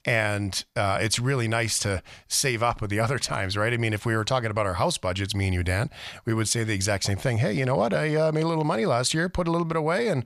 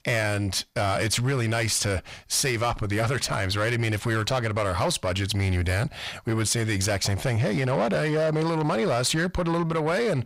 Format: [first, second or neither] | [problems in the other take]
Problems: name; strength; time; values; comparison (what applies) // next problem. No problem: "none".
first | distortion; slight; 10 dB below the speech